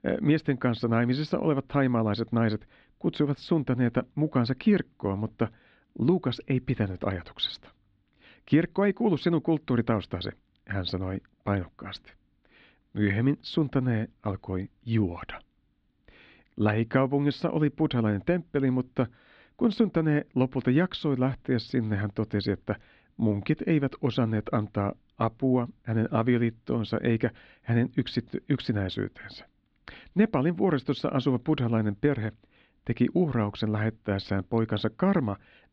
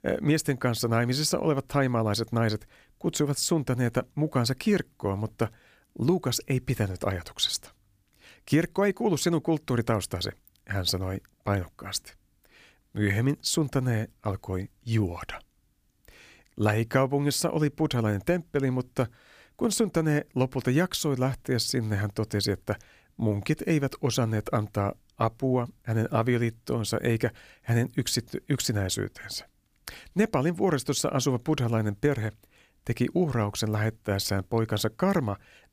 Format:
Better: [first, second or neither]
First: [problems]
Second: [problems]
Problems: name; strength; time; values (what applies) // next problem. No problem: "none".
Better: second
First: muffled; slightly; fading above 4 kHz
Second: none